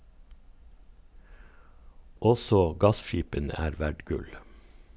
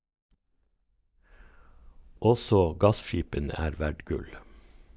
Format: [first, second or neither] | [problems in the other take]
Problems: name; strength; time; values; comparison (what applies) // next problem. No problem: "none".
first | noise reduction (neural mask model DeepFilterNet 3)